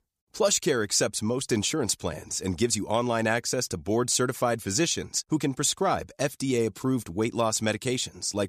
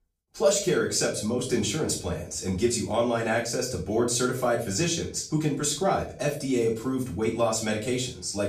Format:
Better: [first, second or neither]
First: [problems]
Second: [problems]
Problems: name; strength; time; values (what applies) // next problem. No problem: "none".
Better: first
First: none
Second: off-mic speech; far // room echo; slight; dies away in 0.4 s